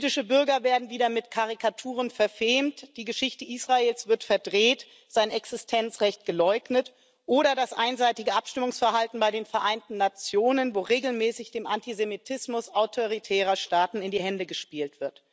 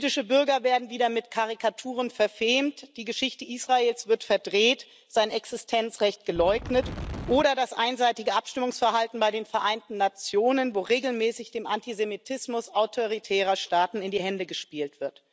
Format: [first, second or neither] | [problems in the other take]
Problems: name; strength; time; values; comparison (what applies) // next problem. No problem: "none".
first | background sound (Wind); 9 dB below the speech